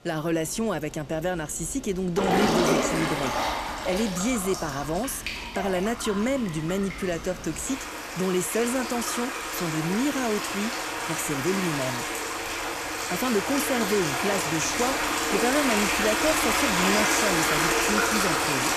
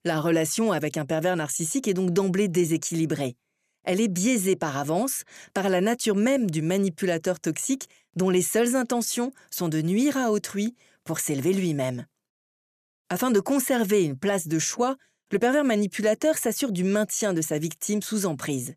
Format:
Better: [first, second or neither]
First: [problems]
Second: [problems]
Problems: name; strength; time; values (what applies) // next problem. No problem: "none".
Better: second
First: rain or running water; very loud; throughout; 2 dB above the speech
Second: none